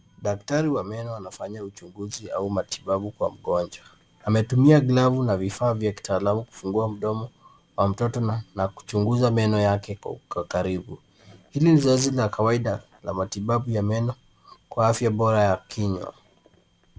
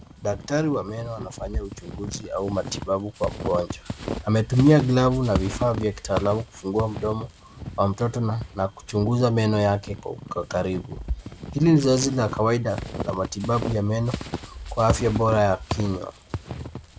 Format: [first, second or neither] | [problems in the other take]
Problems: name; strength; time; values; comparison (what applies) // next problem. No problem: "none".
first | background sound (Squeak / Walk, footsteps); 10 dB below the speech